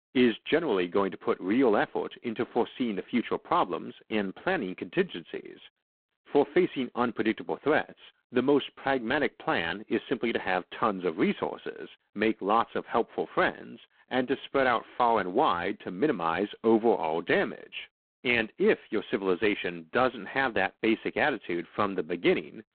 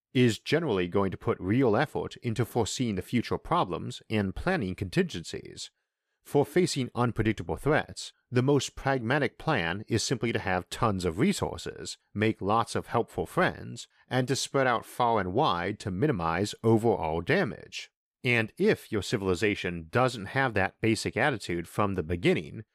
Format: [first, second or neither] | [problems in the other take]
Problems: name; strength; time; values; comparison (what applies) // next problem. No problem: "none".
second | phone-call audio; poor line; nothing above 3.5 kHz